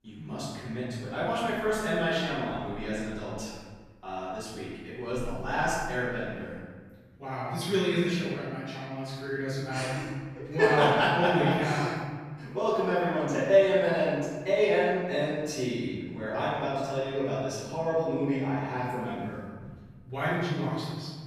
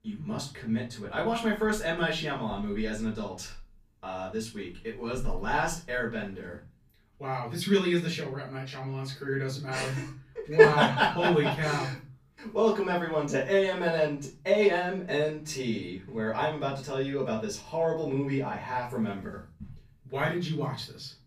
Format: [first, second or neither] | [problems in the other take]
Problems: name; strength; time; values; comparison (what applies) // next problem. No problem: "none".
second | room echo; strong; dies away in 1.5 s; slight in the second // off-mic speech; far; far in the second